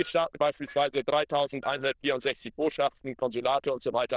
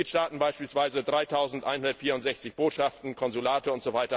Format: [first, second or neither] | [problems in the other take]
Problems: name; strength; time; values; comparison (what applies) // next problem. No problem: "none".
second | noise reduction (neural diffusion model UNIVERSE++)